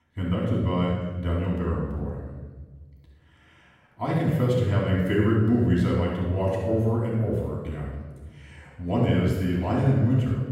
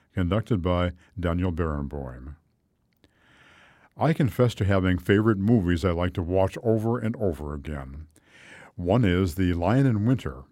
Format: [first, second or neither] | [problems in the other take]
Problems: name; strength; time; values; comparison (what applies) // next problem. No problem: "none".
second | off-mic speech; far // room echo; strong; dies away in 1.2 s